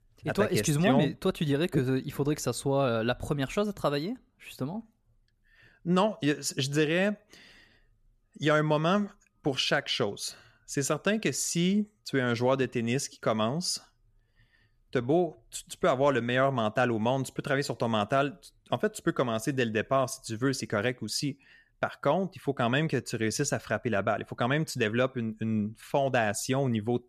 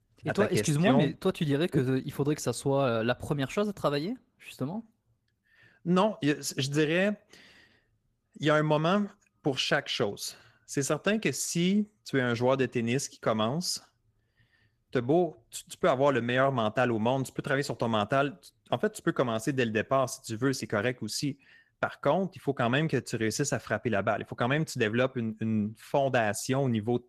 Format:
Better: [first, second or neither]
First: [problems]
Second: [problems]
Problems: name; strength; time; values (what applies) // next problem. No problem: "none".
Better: first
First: none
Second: garbled, watery; slightly; nothing above 12 kHz